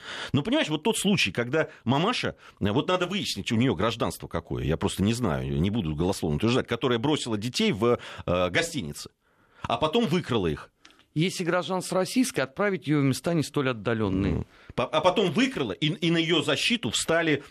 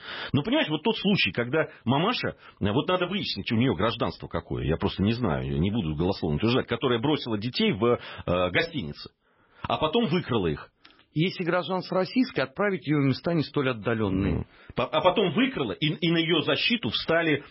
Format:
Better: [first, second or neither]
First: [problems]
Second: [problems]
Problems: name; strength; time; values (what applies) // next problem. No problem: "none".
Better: first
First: none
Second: garbled, watery; badly; nothing above 5.5 kHz